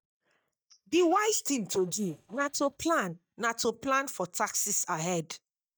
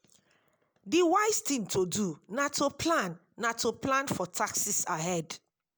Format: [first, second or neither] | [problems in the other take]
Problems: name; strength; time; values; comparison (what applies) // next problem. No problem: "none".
second | noise reduction (neural mask model DeepFilterNet 3)